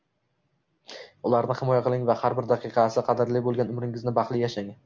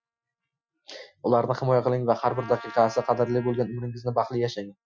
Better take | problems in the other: first | noise reduction (classical method Wiener filter)

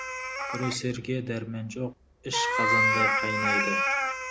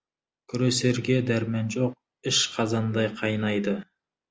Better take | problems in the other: second | background sound (Meow); 5 dB above the speech

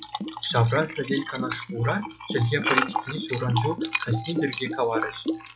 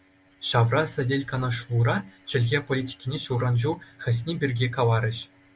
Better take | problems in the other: second | noise reduction (classical method log-MMSE)

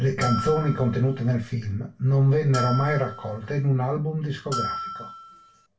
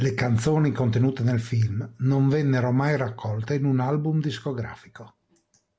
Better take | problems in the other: second | background sound (Bell); 8 dB below the speech // room echo; dies away in 0.2 s

